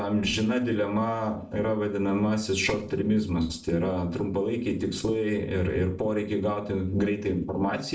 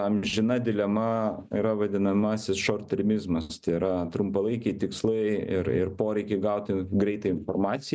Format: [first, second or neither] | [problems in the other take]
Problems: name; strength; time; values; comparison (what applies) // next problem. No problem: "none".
second | room echo; dies away in 0.4 s